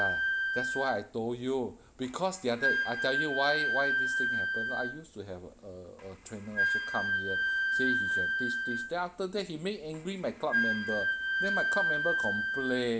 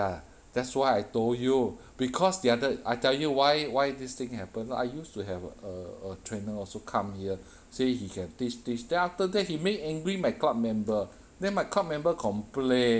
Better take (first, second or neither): second